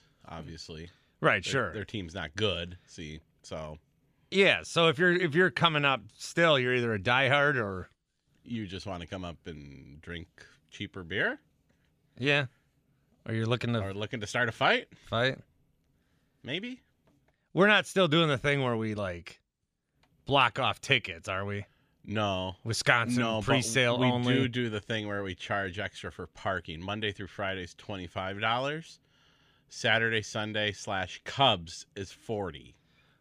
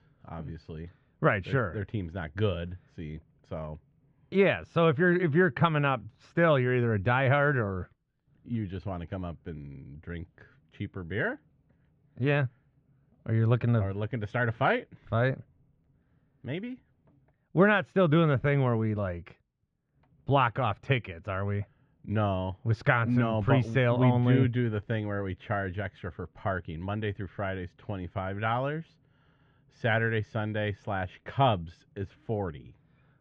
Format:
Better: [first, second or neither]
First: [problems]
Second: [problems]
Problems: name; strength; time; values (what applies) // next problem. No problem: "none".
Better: first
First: none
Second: muffled; very; fading above 1.5 kHz